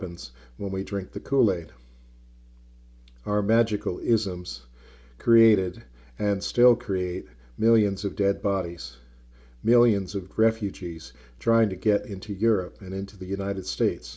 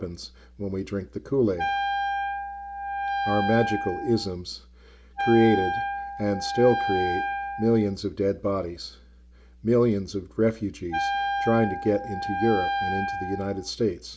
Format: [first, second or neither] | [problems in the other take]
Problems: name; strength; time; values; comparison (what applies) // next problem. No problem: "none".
first | background sound (Wind instrument, woodwind instrument); 2 dB below the speech